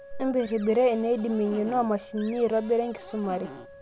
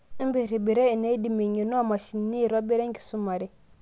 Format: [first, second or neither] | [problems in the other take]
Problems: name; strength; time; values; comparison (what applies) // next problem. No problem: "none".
second | background sound (Wind instrument, woodwind instrument + Cupboard open or close); 17 dB below the speech